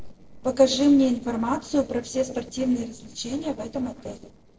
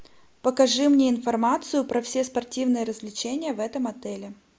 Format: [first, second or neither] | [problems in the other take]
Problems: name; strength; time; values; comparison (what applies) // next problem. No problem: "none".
second | noise reduction (neural separator model SepFormer DNS4)